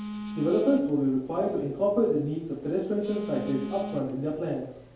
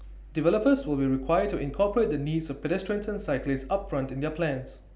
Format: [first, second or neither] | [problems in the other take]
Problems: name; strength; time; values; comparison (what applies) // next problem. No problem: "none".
second | background sound (Telephone); 12 dB below the speech // room echo; dies away in 2.4 s